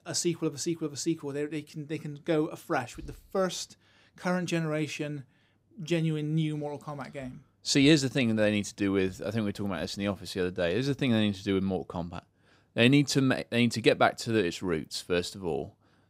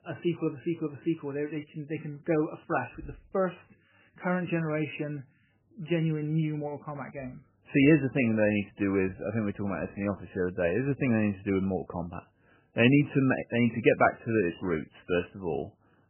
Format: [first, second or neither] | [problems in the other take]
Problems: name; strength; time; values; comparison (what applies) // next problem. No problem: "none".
first | garbled, watery; badly; nothing above 3 kHz